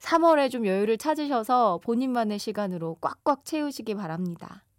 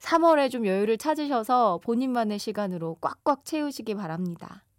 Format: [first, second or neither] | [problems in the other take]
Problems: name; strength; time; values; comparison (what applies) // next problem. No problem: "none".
neither | none